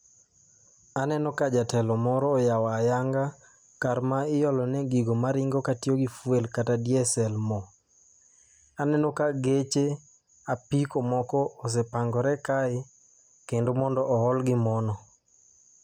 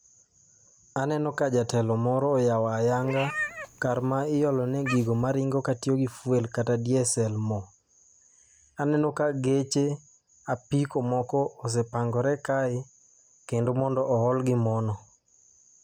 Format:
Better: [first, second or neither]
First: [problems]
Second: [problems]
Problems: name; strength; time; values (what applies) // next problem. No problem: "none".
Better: first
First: none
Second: background sound (Meow); 11 dB below the speech